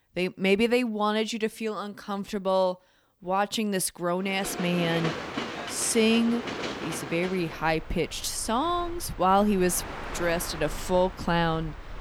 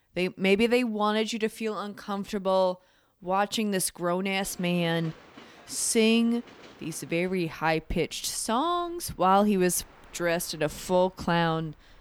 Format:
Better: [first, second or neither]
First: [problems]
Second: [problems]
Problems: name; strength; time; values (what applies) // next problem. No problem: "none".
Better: second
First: train or aircraft noise; loud; from 4.5 s on; 10 dB below the speech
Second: train or aircraft noise; faint; from 4.5 s on; 25 dB below the speech